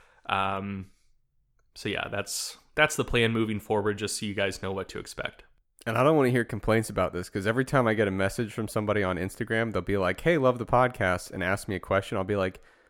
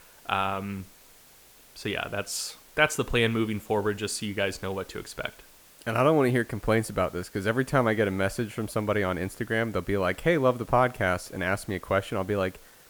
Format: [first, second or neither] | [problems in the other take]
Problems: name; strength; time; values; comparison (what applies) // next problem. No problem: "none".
first | hiss; faint; throughout; 25 dB below the speech